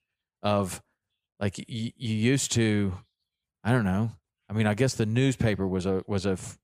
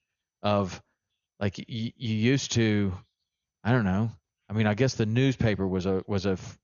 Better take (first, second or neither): first